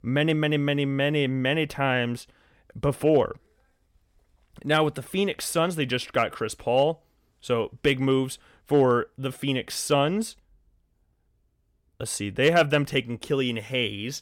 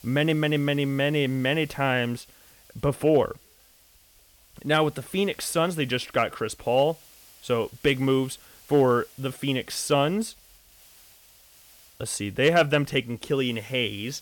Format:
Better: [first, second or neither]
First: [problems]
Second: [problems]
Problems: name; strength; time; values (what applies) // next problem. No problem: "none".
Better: first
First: none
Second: hiss; faint; throughout; 25 dB below the speech